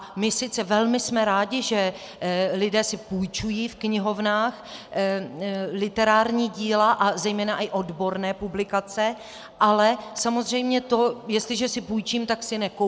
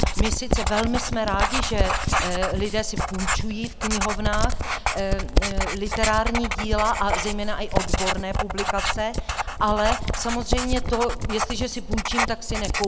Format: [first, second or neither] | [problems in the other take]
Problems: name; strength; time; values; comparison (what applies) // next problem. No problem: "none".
first | background sound (Writing); 2 dB above the speech